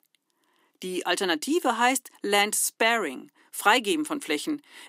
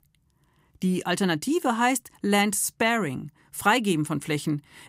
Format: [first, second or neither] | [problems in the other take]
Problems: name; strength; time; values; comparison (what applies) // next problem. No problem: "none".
second | thin; somewhat; fading below 250 Hz